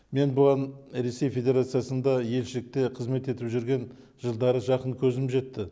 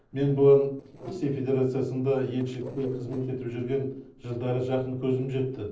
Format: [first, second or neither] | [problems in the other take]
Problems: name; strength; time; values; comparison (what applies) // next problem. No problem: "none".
first | noise reduction (neural separator model SepFormer DNS4)